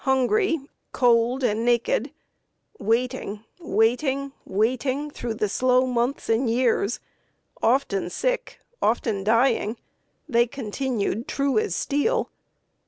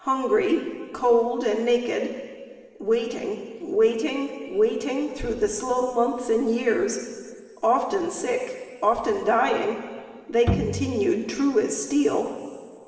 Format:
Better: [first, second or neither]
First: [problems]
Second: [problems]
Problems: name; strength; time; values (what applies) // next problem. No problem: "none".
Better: first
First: none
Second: background sound (Bowed string instrument); 5 dB below the speech // room echo; dies away in 2.1 s